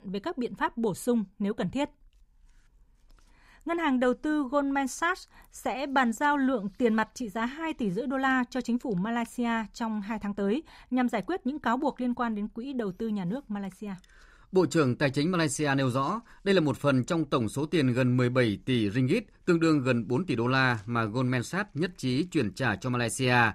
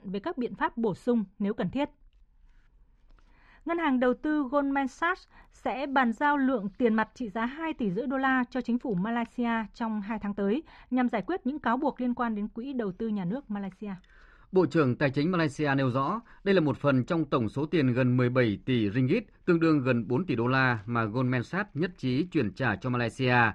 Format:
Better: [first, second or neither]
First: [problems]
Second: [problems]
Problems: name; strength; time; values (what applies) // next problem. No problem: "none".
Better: first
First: none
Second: muffled; slightly; fading above 3 kHz